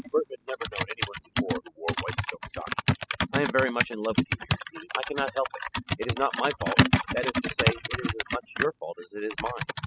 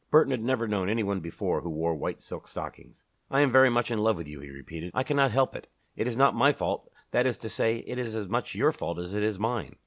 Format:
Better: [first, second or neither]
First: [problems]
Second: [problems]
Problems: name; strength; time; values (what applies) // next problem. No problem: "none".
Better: second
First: noise reduction (classical method spectral subtraction)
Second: none